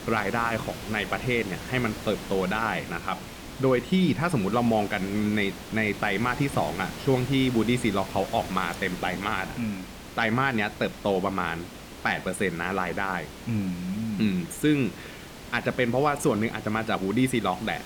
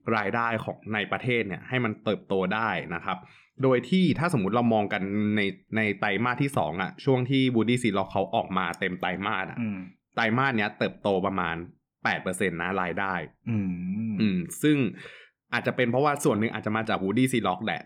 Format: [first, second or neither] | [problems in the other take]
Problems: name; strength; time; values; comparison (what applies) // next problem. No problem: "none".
second | hiss; noticeable; throughout; 15 dB below the speech